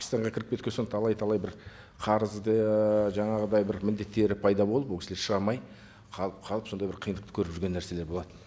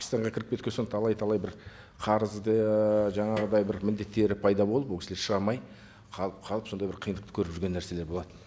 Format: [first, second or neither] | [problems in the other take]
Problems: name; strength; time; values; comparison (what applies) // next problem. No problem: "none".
first | background sound (Snare drum); 16 dB below the speech